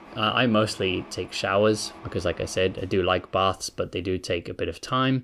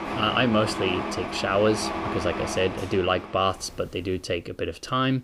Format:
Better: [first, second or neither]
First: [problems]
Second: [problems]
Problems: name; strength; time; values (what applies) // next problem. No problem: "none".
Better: first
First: machinery noise; faint; throughout; 20 dB below the speech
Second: machinery noise; loud; throughout; 6 dB below the speech